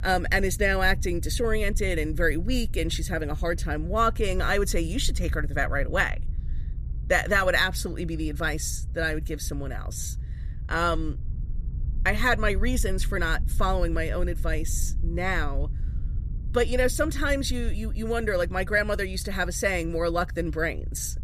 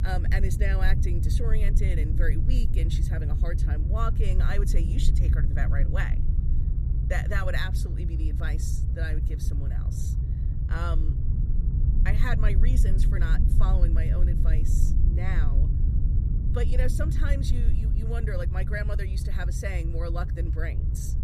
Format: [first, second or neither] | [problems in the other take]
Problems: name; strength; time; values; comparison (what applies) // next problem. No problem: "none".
first | low rumble; loud; throughout; 6 dB below the speech; faint in the first